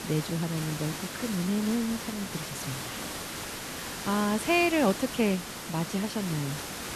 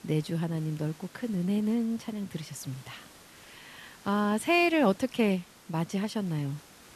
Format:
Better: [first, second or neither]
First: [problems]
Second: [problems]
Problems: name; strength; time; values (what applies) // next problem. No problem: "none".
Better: second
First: hiss; loud; throughout; 6 dB below the speech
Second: hiss; faint; throughout; 20 dB below the speech